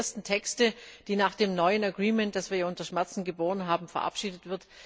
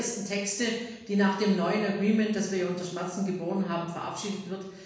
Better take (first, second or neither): first